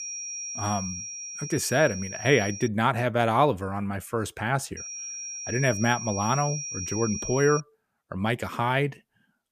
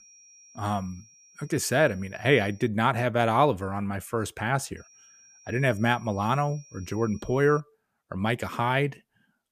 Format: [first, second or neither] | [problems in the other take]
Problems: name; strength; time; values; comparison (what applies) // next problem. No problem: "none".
second | high-pitched whine; loud; until 2.5 s and from 5 to 7.5 s; 5.5 kHz, 7 dB below the speech; faint in the second